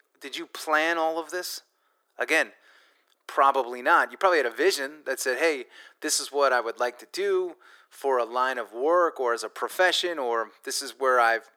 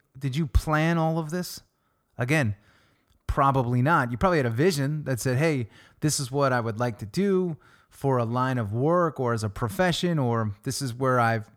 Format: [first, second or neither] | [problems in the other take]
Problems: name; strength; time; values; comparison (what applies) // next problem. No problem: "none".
second | thin; very; fading below 350 Hz